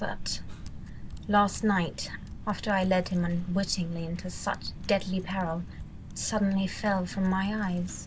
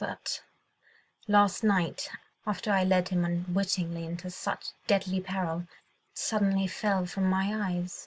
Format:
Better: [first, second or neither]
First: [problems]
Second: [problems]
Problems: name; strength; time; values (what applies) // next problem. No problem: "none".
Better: second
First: background sound (Typing); 9 dB below the speech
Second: none